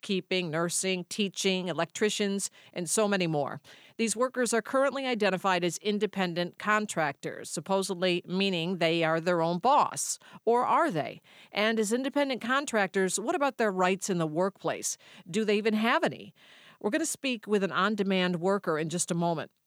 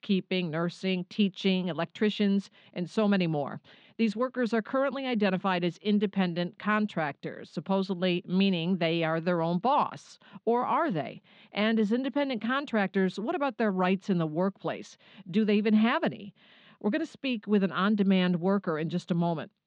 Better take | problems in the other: first | muffled; slightly; fading above 4 kHz

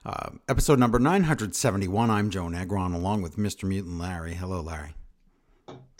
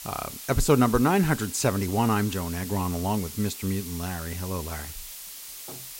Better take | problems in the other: first | hiss; noticeable; throughout; 10 dB below the speech

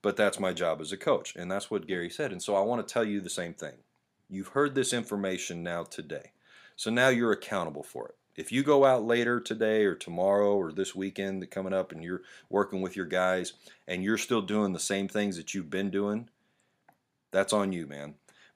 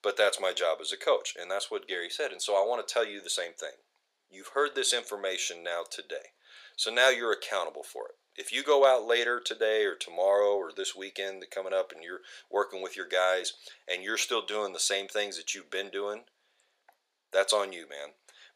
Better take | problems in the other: first | thin; very; fading below 450 Hz

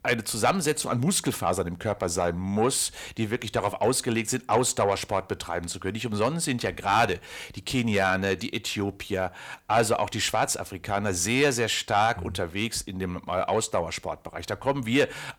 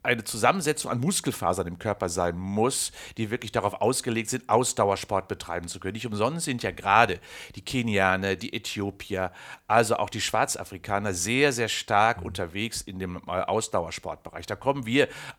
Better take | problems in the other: second | distortion; slight; 10 dB below the speech

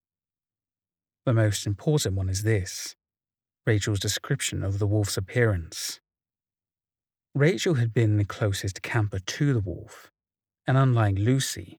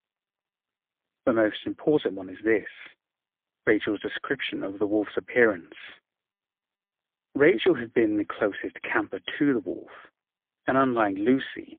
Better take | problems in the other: first | phone-call audio; poor line; nothing above 3.5 kHz

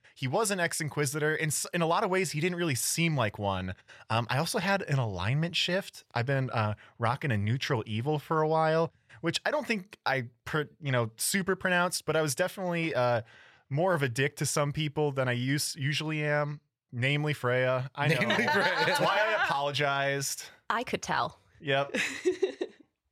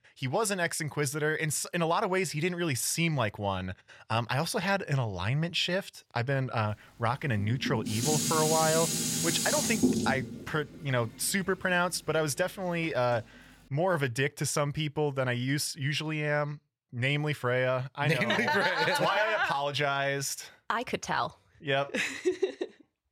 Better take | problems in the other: first | clattering dishes; loud; from 7.5 to 10 s; peak 3 dB above the speech

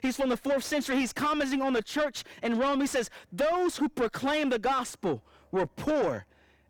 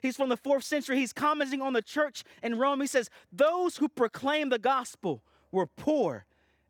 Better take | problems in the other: second | distortion; heavy; 7 dB below the speech

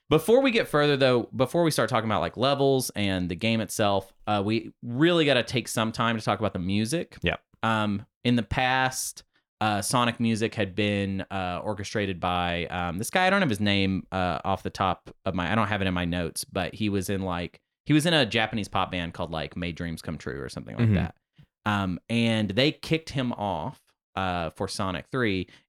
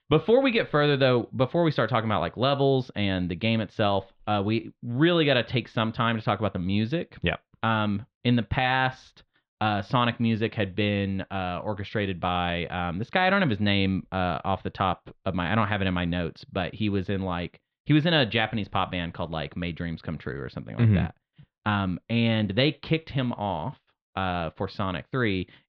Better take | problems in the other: first | muffled; slightly; fading above 4 kHz

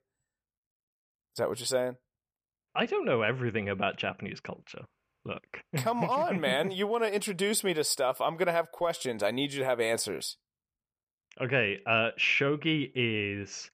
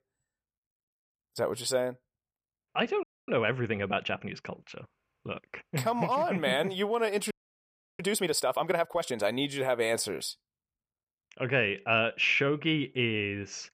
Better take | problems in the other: first | audio freezing; at 3 s and at 7.5 s for 0.5 s

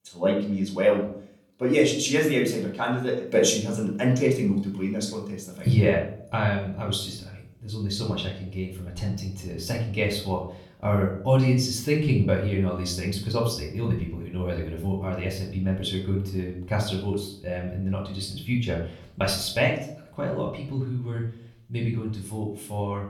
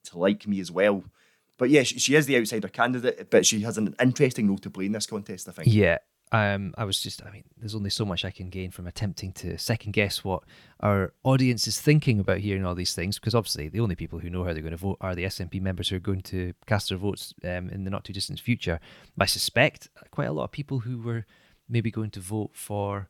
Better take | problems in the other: second | off-mic speech; far // room echo; slight; dies away in 0.5 s

